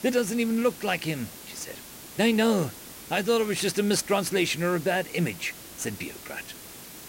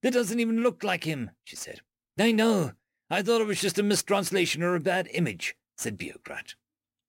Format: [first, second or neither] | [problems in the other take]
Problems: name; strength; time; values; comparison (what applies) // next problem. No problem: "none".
second | hiss; noticeable; throughout; 15 dB below the speech